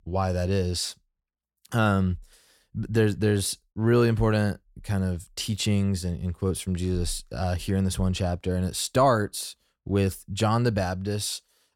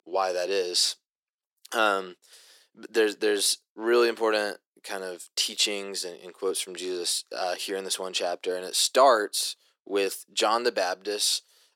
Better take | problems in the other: first | thin; very; fading below 350 Hz

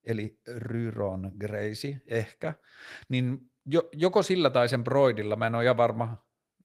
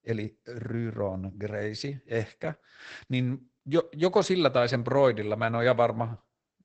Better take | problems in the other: first | garbled, watery; badly; nothing above 8 kHz; slightly in the first

